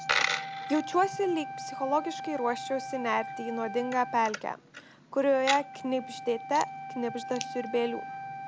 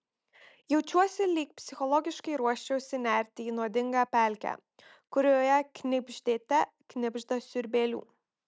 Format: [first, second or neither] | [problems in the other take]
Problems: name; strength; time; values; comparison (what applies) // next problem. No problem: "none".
second | background sound (Coin (dropping) + Wind instrument, woodwind instrument); 6 dB below the speech